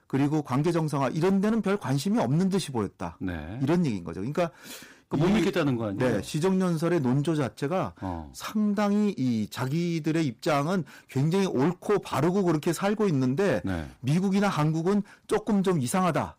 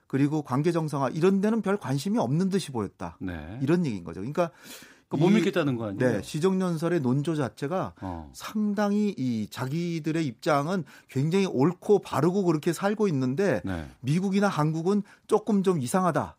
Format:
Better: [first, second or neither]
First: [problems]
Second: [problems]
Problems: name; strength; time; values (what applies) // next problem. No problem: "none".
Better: second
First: distortion; slight; 11% of the sound clipped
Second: none